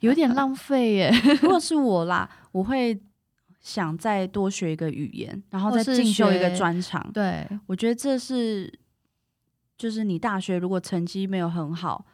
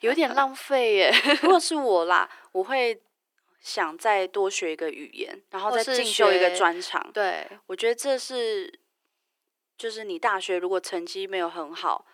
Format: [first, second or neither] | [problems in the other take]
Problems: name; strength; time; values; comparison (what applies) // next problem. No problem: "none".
first | thin; very; fading below 350 Hz